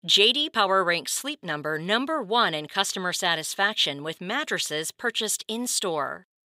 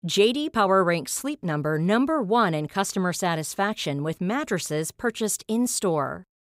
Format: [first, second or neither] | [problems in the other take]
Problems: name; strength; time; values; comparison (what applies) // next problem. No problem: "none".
second | thin; somewhat; fading below 1 kHz